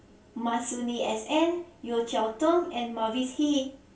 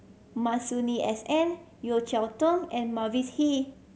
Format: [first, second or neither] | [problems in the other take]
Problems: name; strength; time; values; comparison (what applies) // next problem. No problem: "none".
second | room echo; dies away in 0.2 s